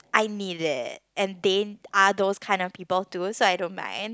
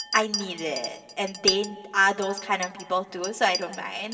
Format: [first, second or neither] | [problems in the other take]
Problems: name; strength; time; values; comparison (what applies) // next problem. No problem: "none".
first | background sound (Chink, clink); 7 dB below the speech // room echo; dies away in 2 s